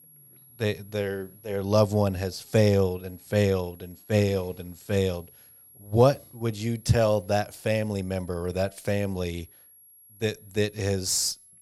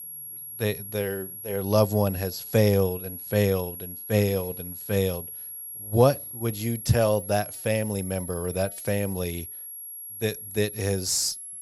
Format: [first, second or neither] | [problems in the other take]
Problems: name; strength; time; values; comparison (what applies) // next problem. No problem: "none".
first | high-pitched whine; loud; throughout; 11.5 kHz, 9 dB below the speech; faint in the first